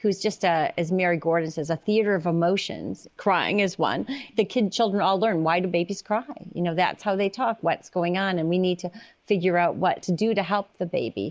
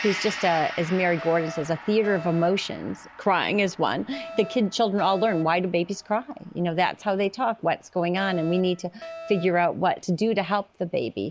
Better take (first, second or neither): first